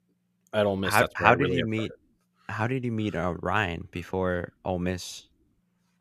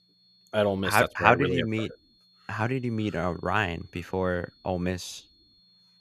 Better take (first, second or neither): first